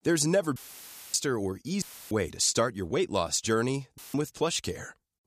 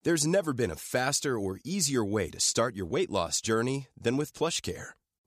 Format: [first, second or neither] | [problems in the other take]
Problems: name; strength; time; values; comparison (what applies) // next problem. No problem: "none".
second | audio cutting out; filled with static; at 0.5 s for 0.5 s, at 2 s and at 4 s